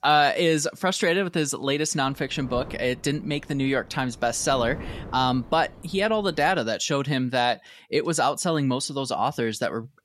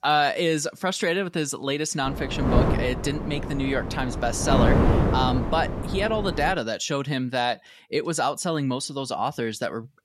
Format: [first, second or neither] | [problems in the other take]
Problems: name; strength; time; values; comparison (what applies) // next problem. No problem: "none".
first | wind noise on the microphone; heavy; from 2 to 6.5 s; 4 dB below the speech; occasional gusts in the first